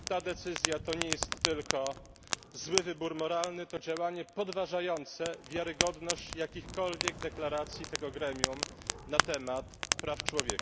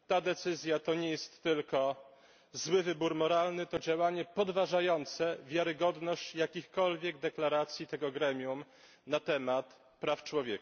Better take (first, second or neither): second